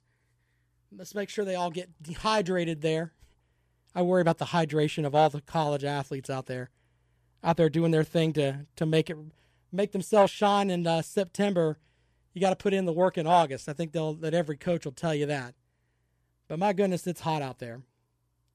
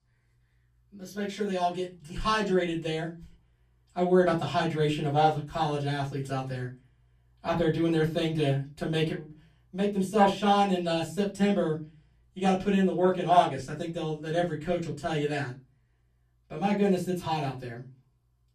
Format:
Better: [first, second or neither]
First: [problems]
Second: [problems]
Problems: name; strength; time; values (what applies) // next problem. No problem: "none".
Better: first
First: none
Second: off-mic speech; far // room echo; very slight; dies away in 0.3 s